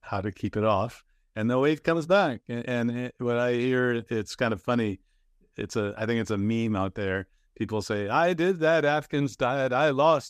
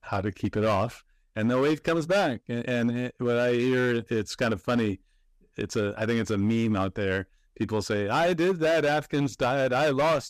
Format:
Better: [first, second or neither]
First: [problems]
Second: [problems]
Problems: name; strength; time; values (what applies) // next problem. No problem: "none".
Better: first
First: none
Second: distortion; slight; 9% of the sound clipped